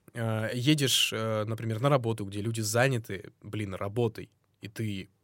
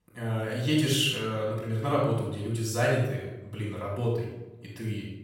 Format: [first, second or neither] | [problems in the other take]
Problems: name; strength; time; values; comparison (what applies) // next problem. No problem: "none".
first | off-mic speech; far // room echo; noticeable; dies away in 0.8 s